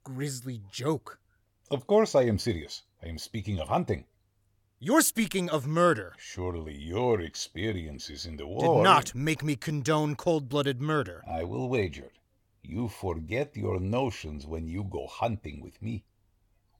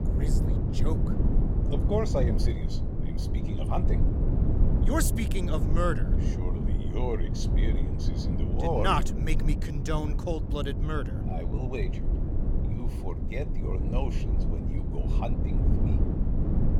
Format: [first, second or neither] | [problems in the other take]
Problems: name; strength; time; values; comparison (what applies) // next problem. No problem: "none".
first | low rumble; loud; throughout; 5 dB below the speech